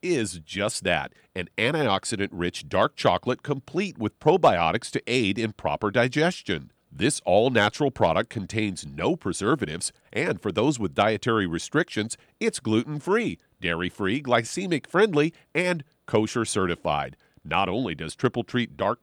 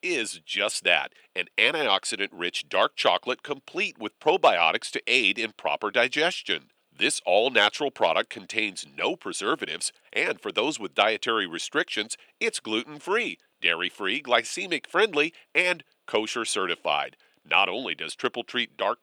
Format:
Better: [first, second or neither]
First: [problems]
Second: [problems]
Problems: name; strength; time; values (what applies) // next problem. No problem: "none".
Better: first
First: none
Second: thin; somewhat; fading below 400 Hz